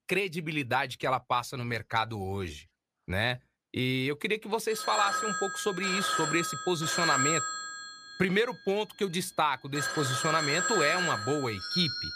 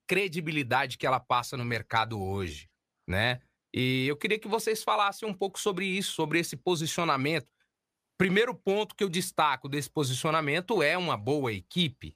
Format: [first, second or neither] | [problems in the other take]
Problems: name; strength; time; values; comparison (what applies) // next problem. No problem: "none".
second | alarms or sirens; loud; from 5 s on; as loud as the speech